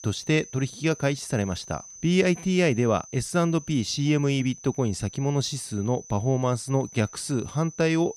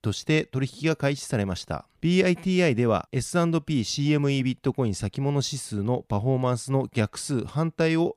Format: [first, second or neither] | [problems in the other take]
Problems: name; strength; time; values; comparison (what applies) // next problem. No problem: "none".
second | high-pitched whine; noticeable; throughout; 6 kHz, 15 dB below the speech